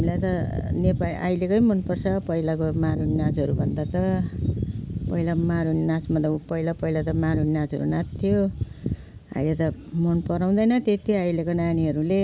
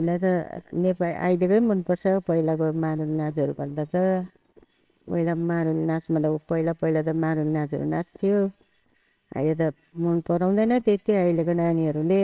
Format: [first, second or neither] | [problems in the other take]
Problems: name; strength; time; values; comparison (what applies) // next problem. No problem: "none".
first | noise reduction (neural separator model SepFormer WHAMR!)